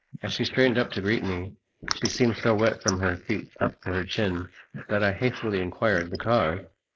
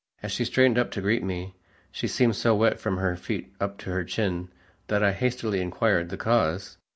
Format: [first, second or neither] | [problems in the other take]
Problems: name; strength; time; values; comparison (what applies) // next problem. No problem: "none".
second | noise reduction (neural mask model Resemble Enhance denoiser)